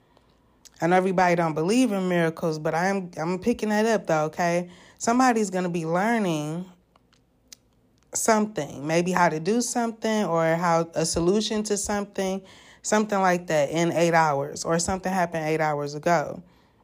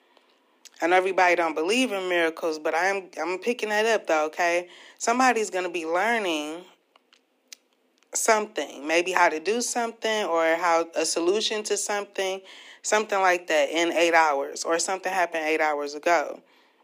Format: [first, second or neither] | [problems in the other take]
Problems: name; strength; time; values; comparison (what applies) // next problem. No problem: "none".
first | thin; somewhat; fading below 250 Hz